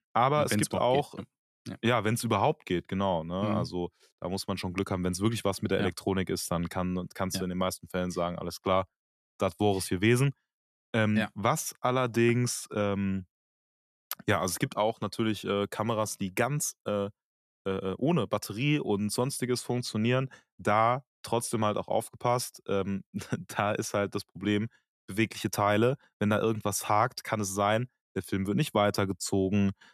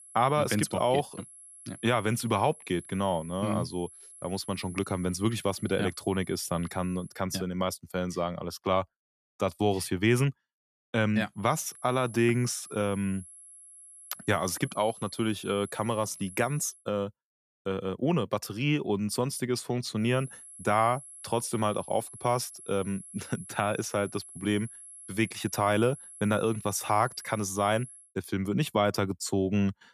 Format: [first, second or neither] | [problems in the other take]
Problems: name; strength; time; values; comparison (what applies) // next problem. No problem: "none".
first | high-pitched whine; noticeable; until 7 s, from 11 to 17 s and from 20 to 28 s; 11 kHz, 15 dB below the speech